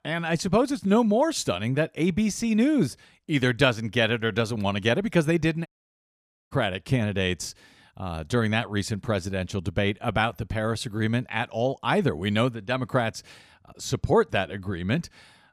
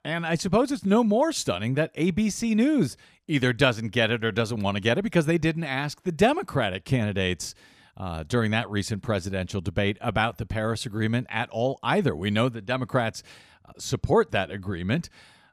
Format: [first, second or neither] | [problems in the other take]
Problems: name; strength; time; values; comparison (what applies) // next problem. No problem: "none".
second | audio cutting out; at 5.5 s for 1 s